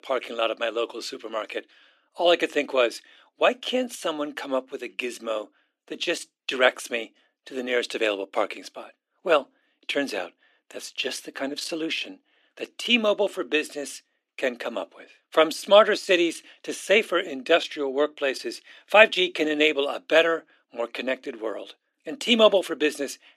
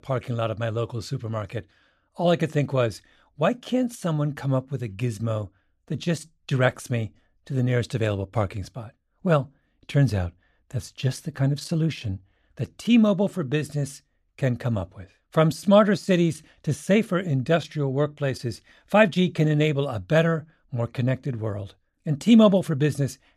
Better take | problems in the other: second | thin; very; fading below 300 Hz

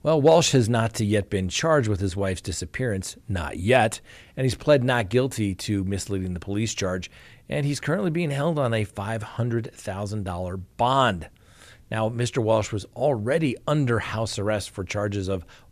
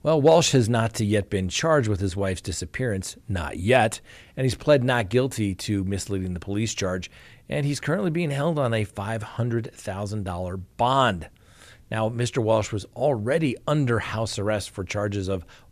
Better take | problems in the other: neither | none

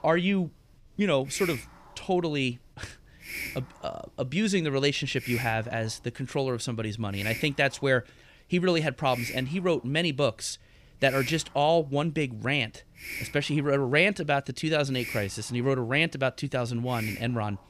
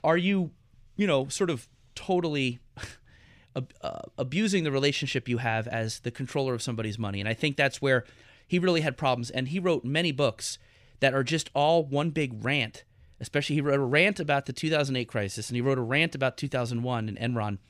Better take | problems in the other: second | hiss; noticeable; throughout; 10 dB below the speech

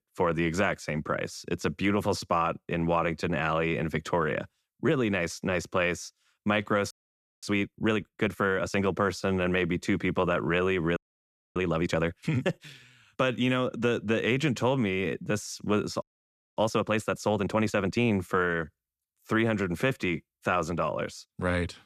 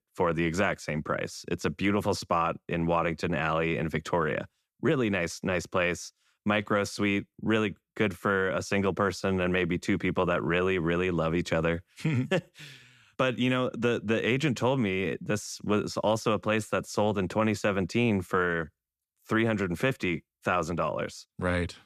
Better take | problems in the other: second | audio freezing; at 7 s for 0.5 s, at 11 s for 0.5 s and at 16 s for 0.5 s

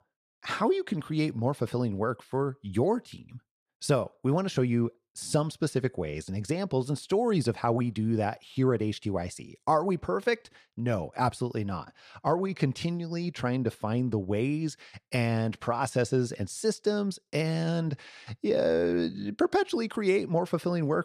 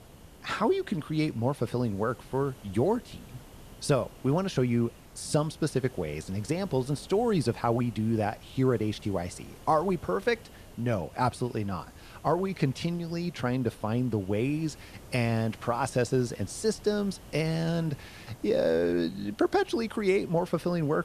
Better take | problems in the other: first | hiss; faint; throughout; 20 dB below the speech

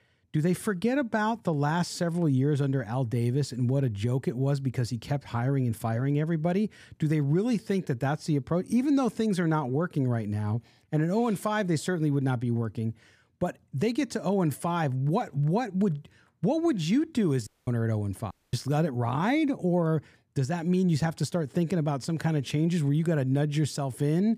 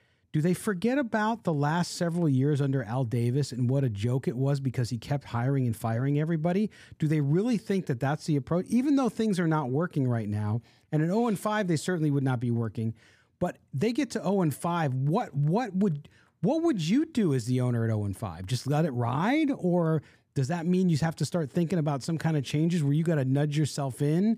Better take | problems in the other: second | audio cutting out; at 17 s and at 18 s

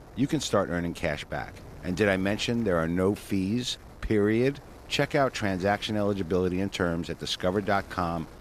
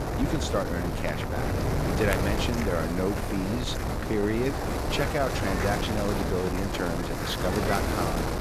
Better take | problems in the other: first | wind noise on the microphone; heavy; as loud as the speech; occasional gusts in the first

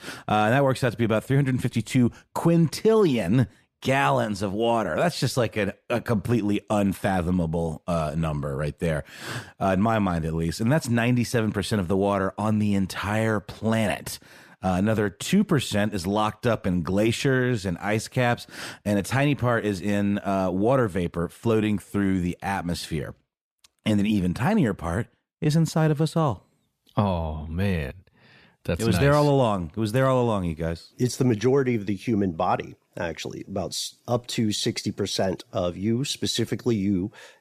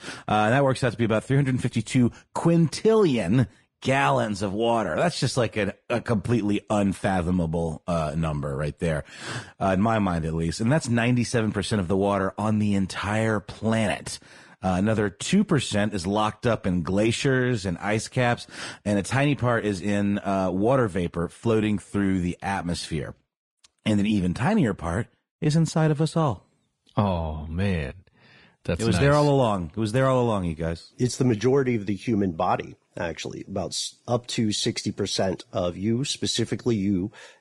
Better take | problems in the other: first | garbled, watery; slightly; nothing above 10.5 kHz

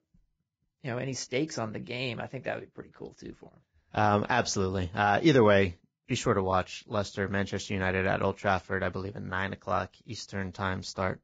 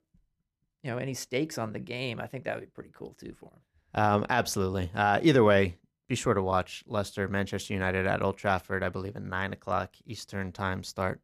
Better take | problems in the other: second | garbled, watery; badly; nothing above 7.5 kHz

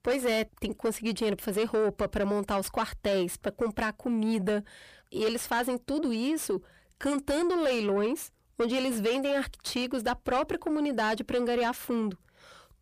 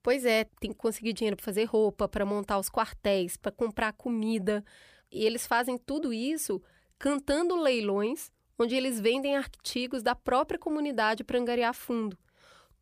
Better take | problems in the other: second | distortion; slight; 10 dB below the speech

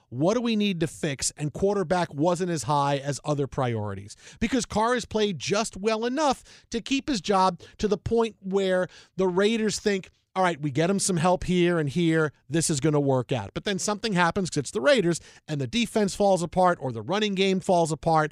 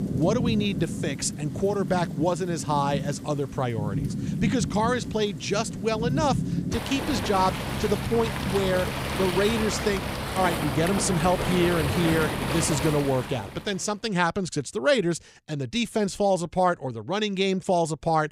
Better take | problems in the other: first | rain or running water; loud; until 13 s; 4 dB below the speech

